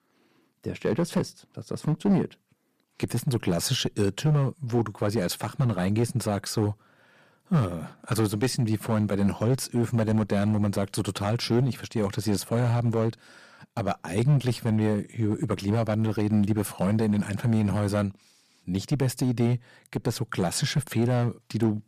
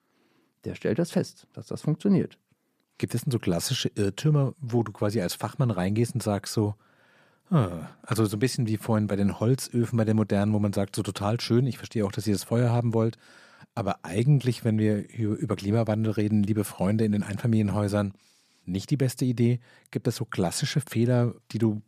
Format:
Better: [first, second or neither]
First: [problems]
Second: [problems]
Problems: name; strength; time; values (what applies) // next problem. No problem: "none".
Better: second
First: distortion; slight; 4% of the sound clipped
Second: none